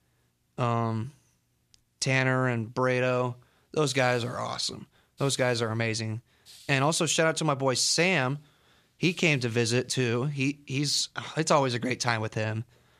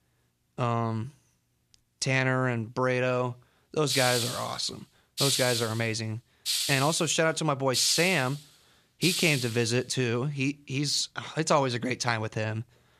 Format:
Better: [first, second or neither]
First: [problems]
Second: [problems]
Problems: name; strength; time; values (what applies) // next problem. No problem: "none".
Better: first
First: hiss; faint; from 3.5 to 10 s; 25 dB below the speech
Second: hiss; loud; from 3.5 to 10 s; 3 dB below the speech